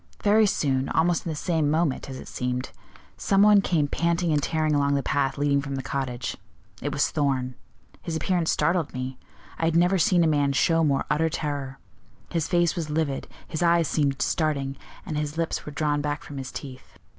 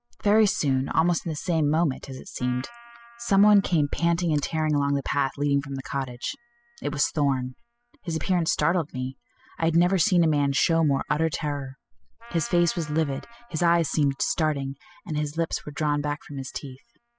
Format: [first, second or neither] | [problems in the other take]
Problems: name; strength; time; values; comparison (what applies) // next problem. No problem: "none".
first | noise reduction (classical method spectral subtraction)